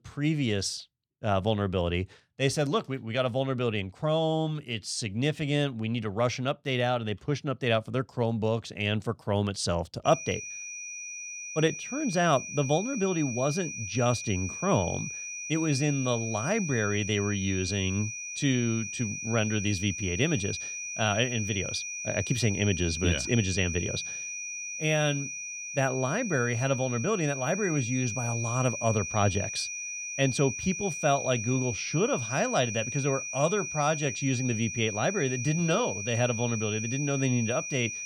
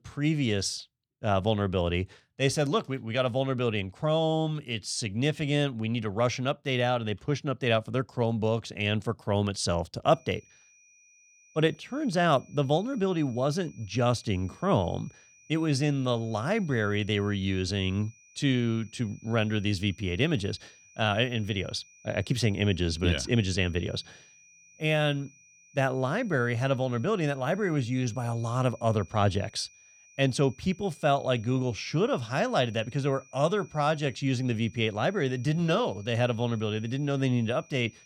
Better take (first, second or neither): second